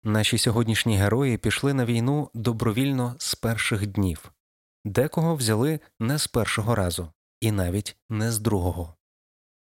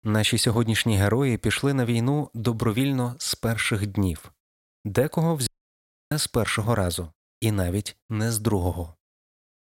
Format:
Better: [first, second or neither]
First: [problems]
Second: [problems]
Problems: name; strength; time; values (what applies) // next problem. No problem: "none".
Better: first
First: none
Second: audio cutting out; at 5.5 s for 0.5 s